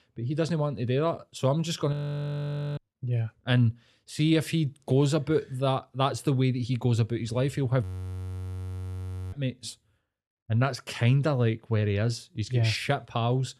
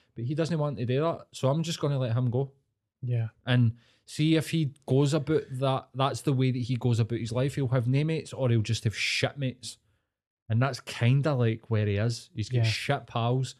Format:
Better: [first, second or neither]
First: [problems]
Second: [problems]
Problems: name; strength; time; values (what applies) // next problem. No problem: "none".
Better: second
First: audio freezing; at 2 s for 1 s and at 8 s for 1.5 s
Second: none